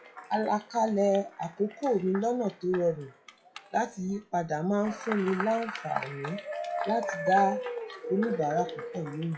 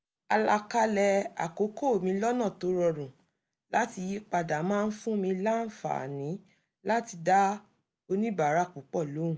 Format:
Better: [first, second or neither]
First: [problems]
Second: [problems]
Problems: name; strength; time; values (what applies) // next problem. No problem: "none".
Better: second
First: noise reduction (classical method WPE with log-MMSE)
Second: none